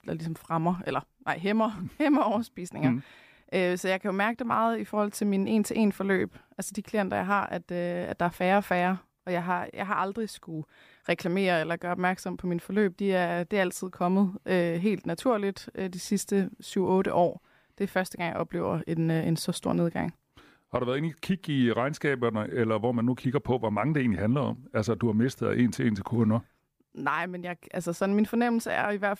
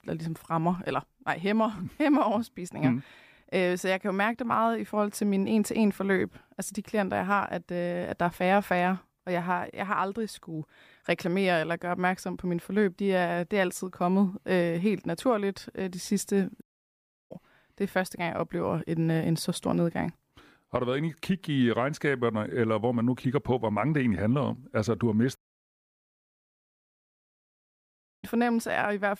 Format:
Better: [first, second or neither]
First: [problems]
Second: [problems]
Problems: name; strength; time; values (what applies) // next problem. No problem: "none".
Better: first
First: none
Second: audio cutting out; at 17 s for 0.5 s and at 25 s for 3 s